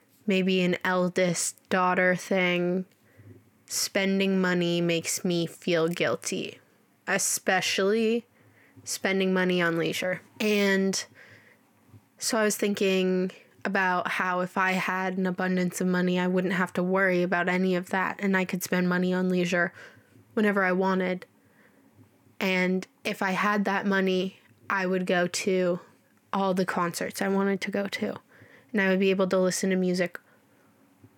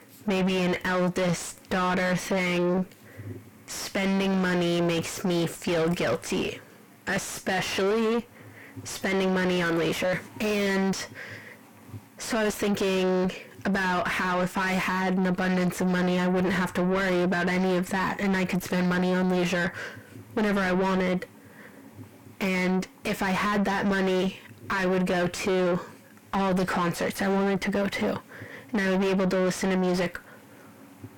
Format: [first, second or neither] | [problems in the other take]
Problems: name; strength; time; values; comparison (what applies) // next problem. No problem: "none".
first | distortion; heavy; 6 dB below the speech